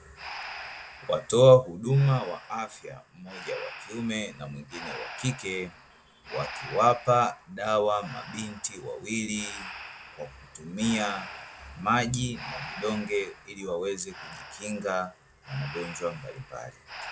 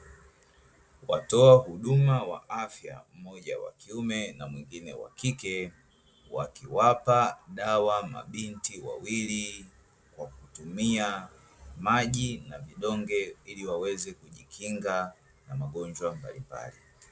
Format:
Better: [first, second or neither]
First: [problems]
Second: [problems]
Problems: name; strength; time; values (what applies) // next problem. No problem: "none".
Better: second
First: background sound (Breathing); 15 dB below the speech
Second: none